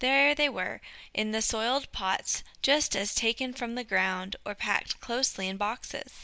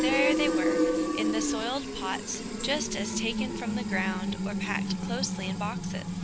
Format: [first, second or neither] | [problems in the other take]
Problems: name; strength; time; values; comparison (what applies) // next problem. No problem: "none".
first | background sound (Fill (with liquid)); 4 dB above the speech